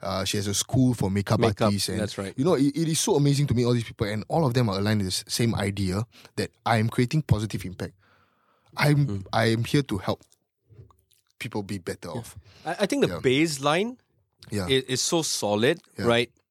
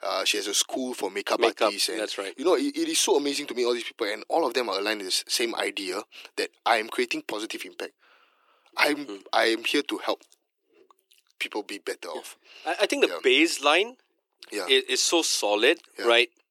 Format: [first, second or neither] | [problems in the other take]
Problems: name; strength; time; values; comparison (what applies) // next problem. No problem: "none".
first | thin; somewhat; fading below 300 Hz